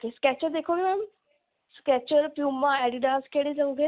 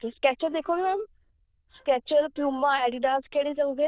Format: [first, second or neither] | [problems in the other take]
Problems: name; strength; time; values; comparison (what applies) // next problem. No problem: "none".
first | noise reduction (neural diffusion model UNIVERSE++)